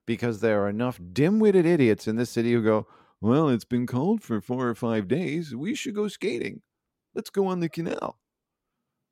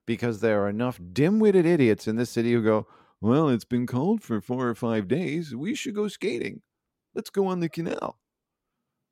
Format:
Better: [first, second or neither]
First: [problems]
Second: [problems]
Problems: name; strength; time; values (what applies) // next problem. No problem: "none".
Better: neither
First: none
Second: none